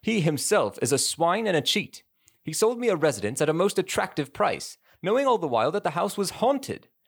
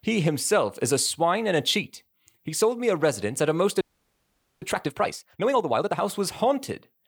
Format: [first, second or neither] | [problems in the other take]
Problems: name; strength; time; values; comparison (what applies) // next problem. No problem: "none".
first | audio freezing; at 4 s for 1 s